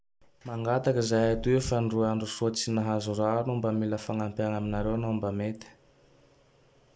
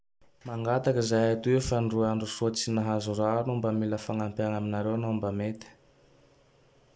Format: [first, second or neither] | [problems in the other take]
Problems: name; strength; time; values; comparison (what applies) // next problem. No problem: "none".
second | background sound (Purr); 14 dB below the speech